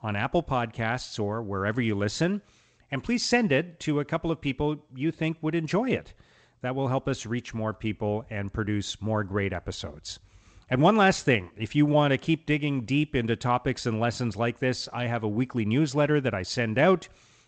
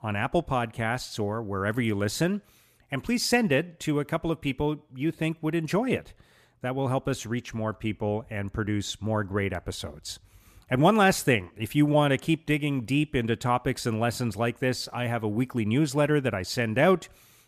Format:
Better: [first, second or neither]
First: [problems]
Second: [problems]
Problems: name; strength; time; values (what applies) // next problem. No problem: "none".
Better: second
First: garbled, watery; slightly; nothing above 8 kHz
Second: none